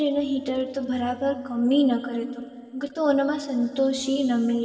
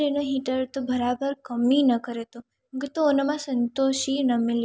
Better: second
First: room echo; dies away in 2.7 s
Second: none

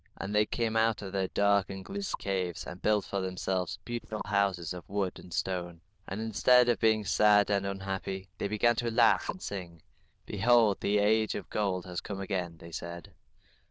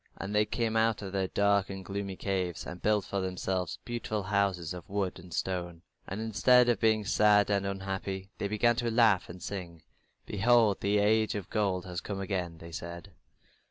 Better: second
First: noise reduction (neural diffusion model UNIVERSE++)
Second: none

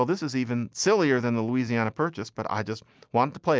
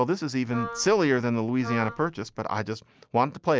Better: first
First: none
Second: background sound (Wind instrument, woodwind instrument); 13 dB below the speech

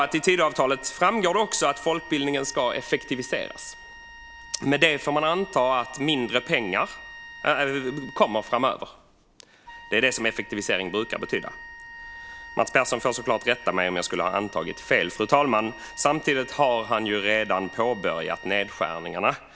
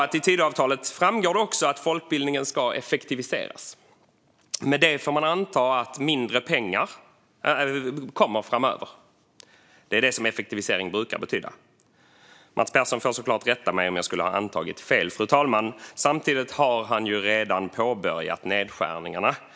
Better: second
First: background sound (Wind instrument, woodwind instrument); 17 dB below the speech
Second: none

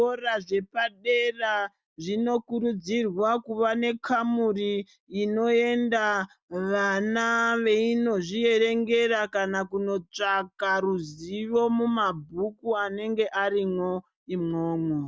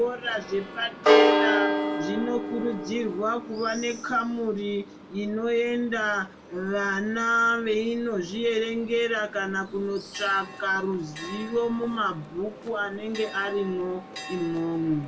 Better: first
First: none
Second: background sound (Church bell); 3 dB below the speech // room echo; dies away in 0.2 s

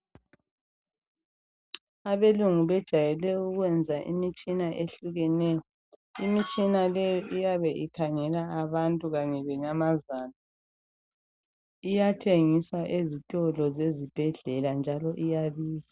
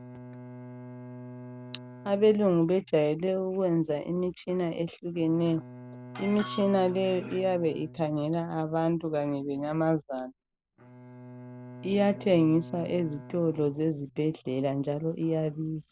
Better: first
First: none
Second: background sound (Bowed string instrument); 18 dB below the speech

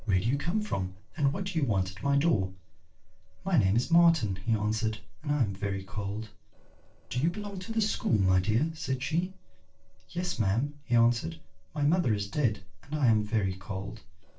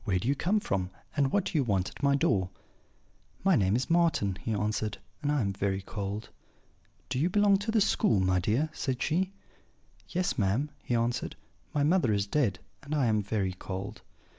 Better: second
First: noise reduction (neural separator model SepFormer DNS4)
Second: none

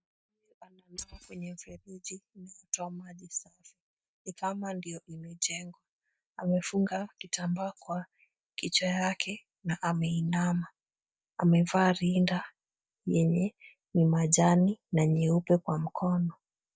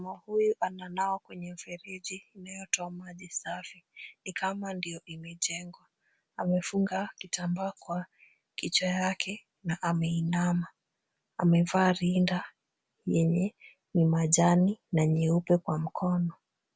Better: second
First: noise reduction (neural mask model DeepFilterNet 3)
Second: none

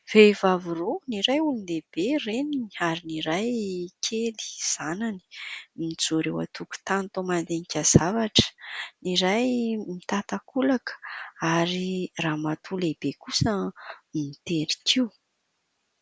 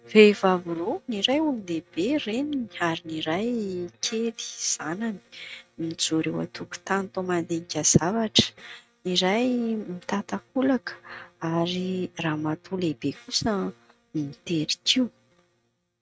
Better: first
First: none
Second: noise reduction (neural mask model RNNoise)

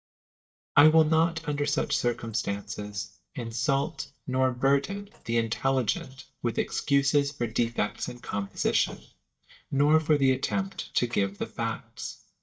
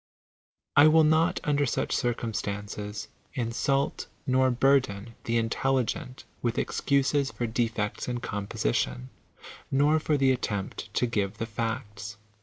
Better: second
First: noise reduction (neural mask model DeepFilterNet 3)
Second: none

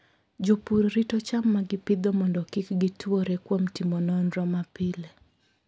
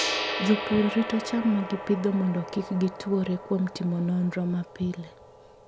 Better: first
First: none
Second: background sound (Gong); 9 dB below the speech

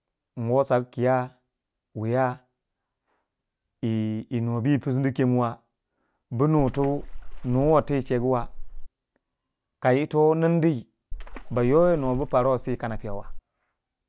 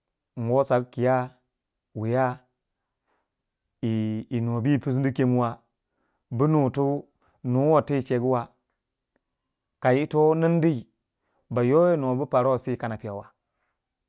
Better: second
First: background sound (Water / Splash, splatter); 7 dB below the speech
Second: none

